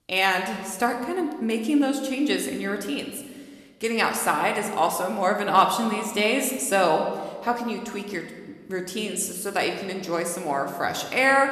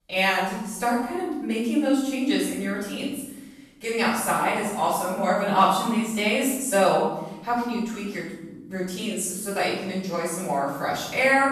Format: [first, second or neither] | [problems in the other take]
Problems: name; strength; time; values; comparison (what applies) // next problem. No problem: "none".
first | room echo; strong; dies away in 1 s; slight in the first // off-mic speech; far